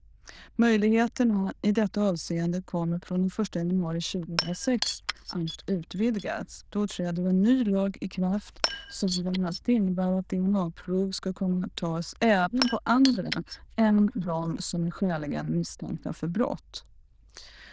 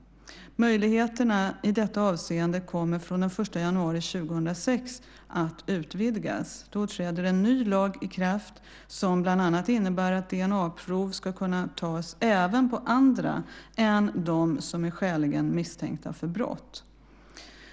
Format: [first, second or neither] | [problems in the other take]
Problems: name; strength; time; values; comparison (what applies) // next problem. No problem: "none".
second | noise reduction (neural diffusion model UNIVERSE++)